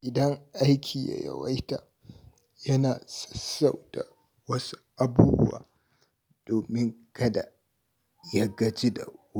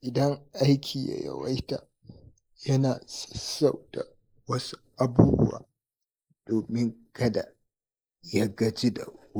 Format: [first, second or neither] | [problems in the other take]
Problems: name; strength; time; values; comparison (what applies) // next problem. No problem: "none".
first | noise reduction (neural mask model Resemble Enhance denoiser)